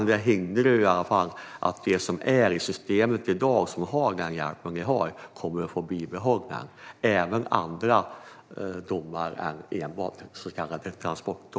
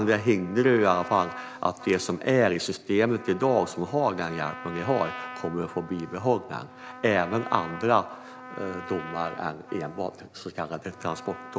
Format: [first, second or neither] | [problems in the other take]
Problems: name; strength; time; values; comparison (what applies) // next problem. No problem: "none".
first | background sound (Trumpet); 15 dB below the speech